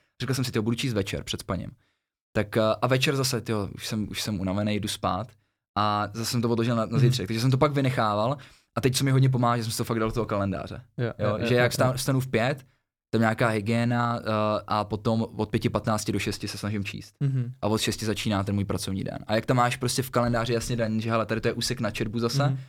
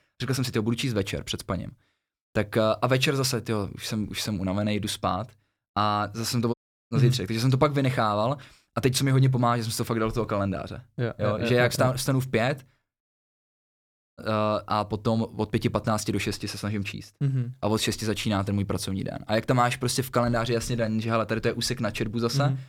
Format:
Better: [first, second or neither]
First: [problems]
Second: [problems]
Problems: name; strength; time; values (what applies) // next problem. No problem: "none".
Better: first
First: none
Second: audio cutting out; at 6.5 s and at 13 s for 1 s